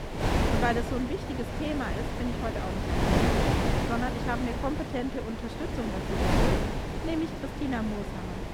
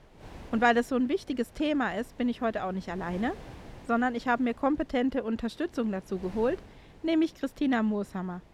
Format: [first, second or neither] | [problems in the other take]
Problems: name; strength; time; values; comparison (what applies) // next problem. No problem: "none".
second | wind noise on the microphone; heavy; 2 dB above the speech; occasional gusts in the second